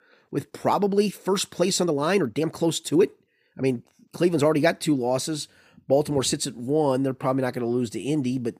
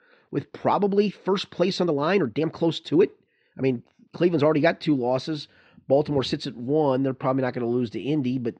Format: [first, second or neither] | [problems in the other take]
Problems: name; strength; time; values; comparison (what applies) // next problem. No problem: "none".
first | muffled; very slightly; fading above 4 kHz